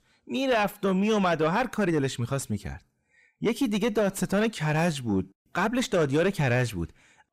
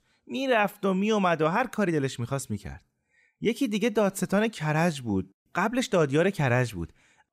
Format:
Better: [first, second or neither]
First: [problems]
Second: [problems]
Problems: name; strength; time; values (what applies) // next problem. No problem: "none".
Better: second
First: distortion; slight; 10 dB below the speech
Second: none